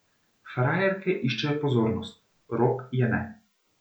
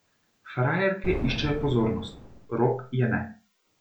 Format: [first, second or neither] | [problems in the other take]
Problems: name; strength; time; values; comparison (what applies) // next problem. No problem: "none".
first | background sound (Boom); 8 dB below the speech